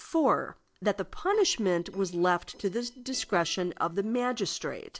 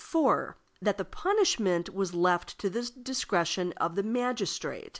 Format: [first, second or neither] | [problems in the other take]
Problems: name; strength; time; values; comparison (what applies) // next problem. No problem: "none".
second | noise reduction (neural separator model SepFormer DNS4)